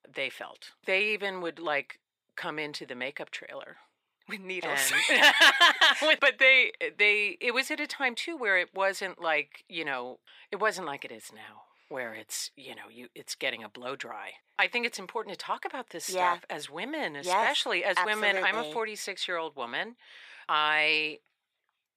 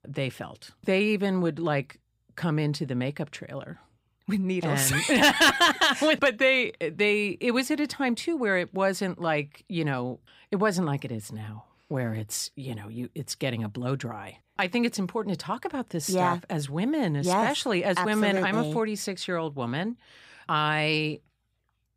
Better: second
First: thin; very; fading below 500 Hz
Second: none

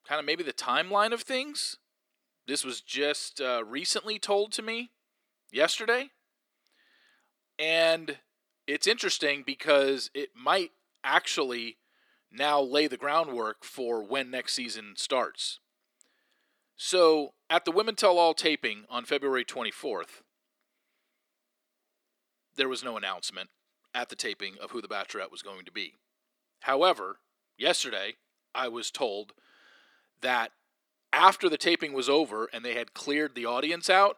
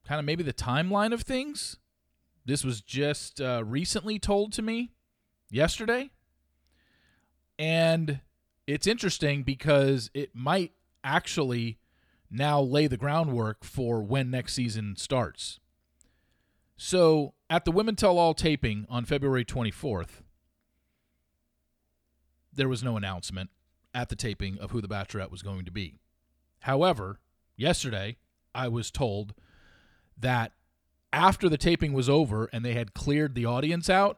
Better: second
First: thin; somewhat; fading below 300 Hz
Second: none

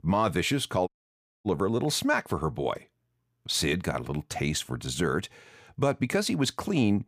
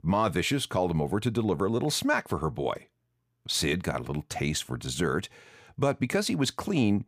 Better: second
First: audio cutting out; at 1 s for 0.5 s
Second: none

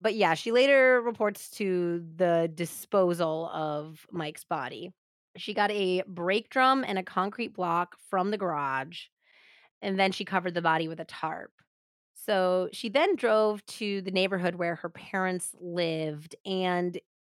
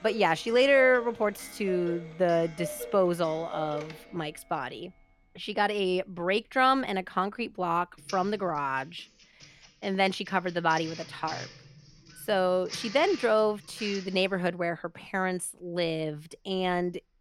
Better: first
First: none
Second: household noises; noticeable; throughout; 15 dB below the speech

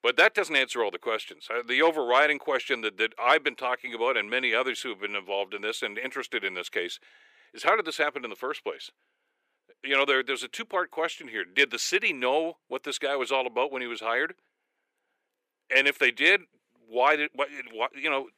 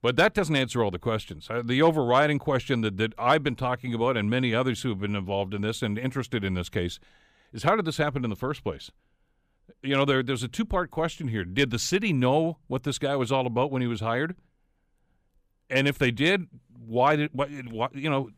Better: second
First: thin; very; fading below 350 Hz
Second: none

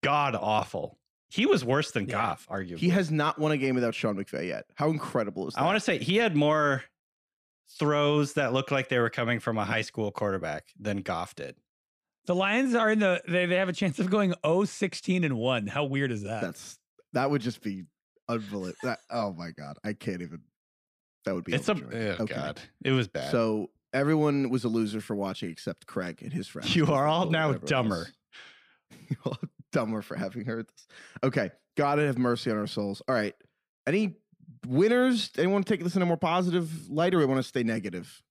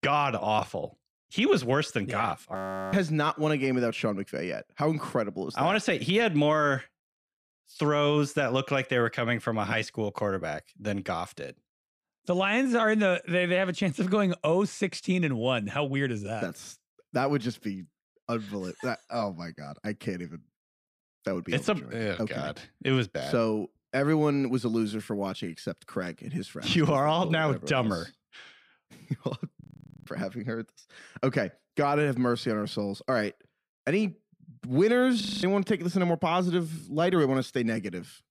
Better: first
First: none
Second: audio freezing; at 2.5 s, at 30 s and at 35 s

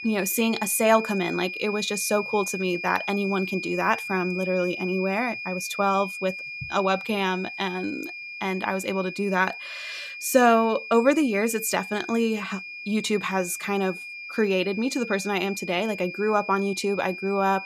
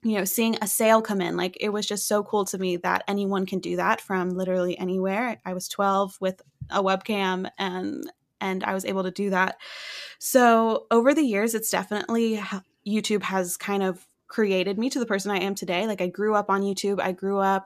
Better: second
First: high-pitched whine; loud; throughout; 2.5 kHz, 9 dB below the speech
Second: none

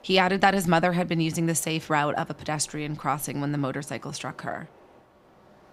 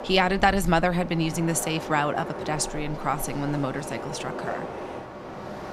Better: first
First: train or aircraft noise; faint; throughout; 30 dB below the speech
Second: train or aircraft noise; loud; throughout; 10 dB below the speech

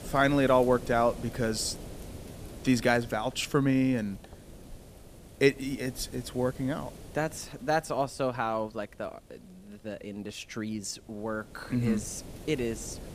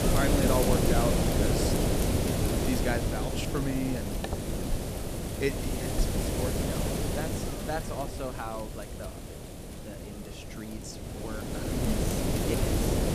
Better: first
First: wind noise on the microphone; occasional gusts; 20 dB below the speech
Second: wind noise on the microphone; heavy; 3 dB above the speech

